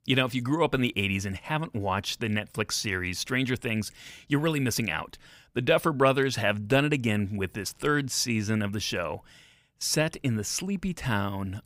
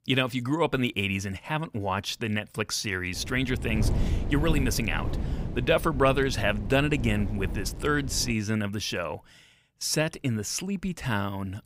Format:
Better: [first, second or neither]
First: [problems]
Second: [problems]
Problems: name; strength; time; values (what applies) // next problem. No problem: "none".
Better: first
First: none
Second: wind noise on the microphone; occasional gusts; from 3 to 8.5 s; 15 dB below the speech